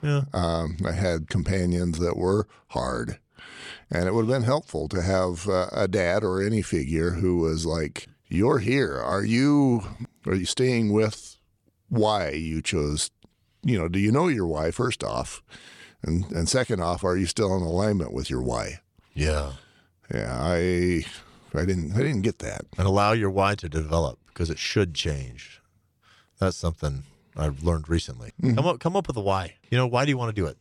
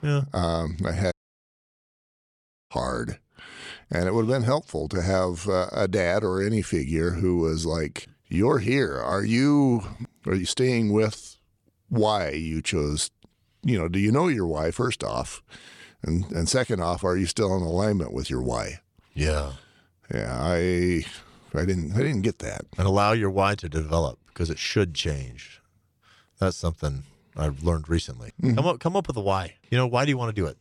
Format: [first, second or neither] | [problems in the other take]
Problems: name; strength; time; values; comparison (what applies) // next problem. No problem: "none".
first | audio cutting out; at 1 s for 1.5 s